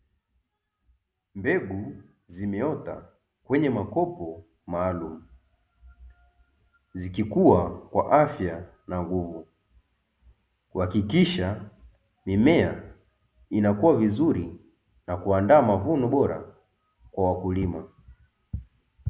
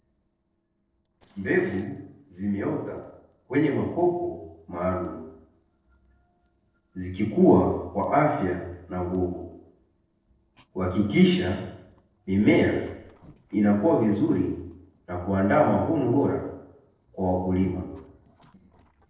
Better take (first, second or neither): first